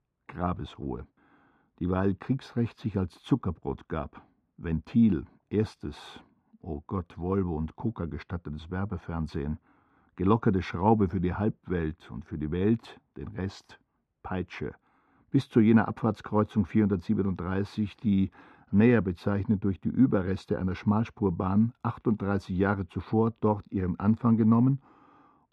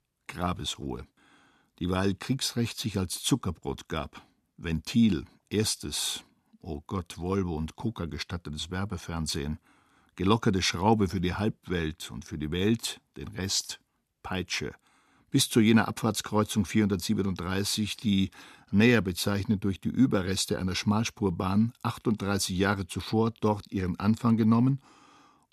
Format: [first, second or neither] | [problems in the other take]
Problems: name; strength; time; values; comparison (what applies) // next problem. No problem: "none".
second | muffled; very; fading above 3.5 kHz